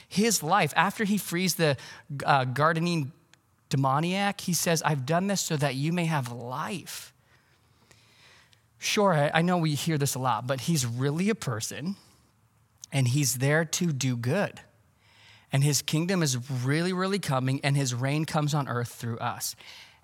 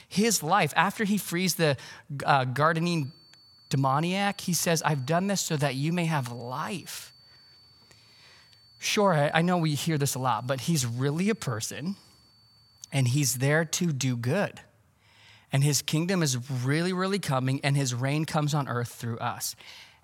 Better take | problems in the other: first | high-pitched whine; faint; from 3 to 14 s; 4.5 kHz, 30 dB below the speech

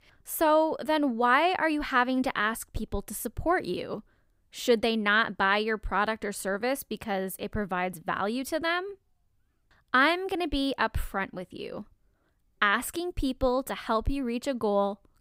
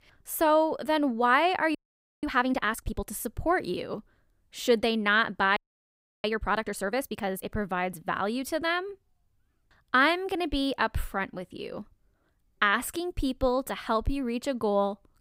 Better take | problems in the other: first | audio freezing; at 2 s and at 5.5 s for 0.5 s

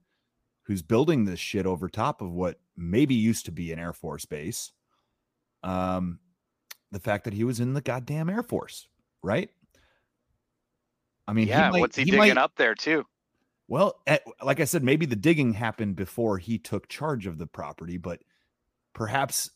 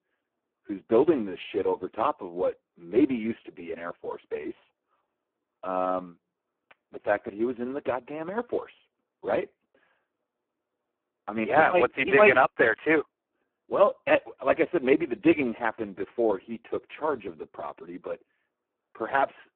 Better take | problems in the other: first | phone-call audio; poor line

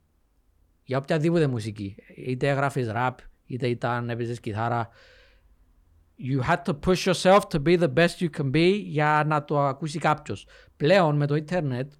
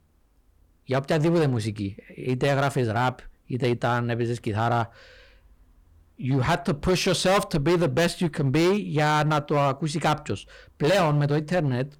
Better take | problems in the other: first | distortion; heavy; 11% of the sound clipped

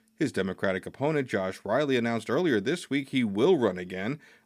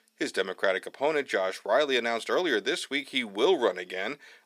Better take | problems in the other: first | thin; somewhat; fading below 500 Hz

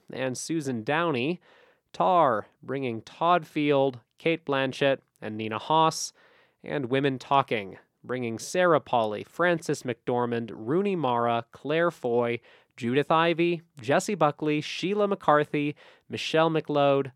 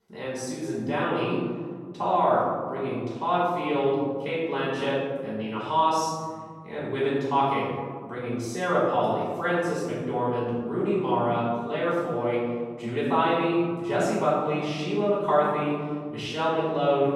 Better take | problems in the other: first | room echo; strong; dies away in 1.8 s // off-mic speech; far

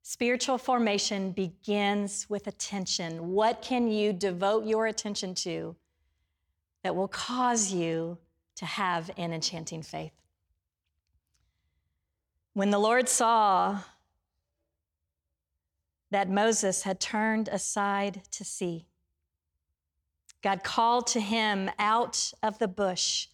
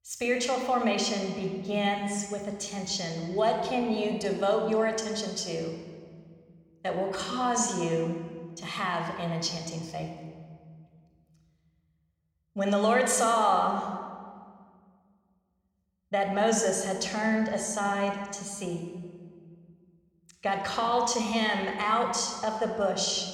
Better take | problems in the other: first | room echo; slight; dies away in 1.5 s

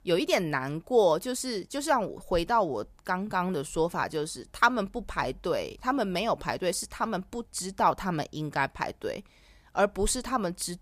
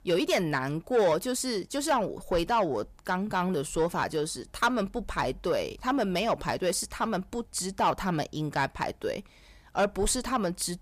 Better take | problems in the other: first | distortion; slight; 10 dB below the speech

